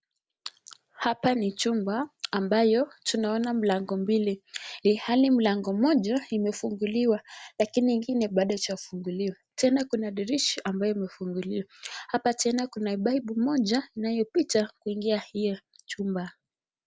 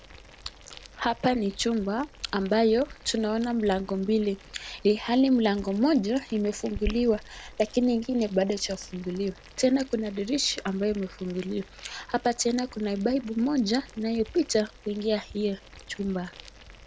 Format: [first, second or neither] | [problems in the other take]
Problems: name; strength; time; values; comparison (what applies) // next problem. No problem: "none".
first | background sound (Boiling); 18 dB below the speech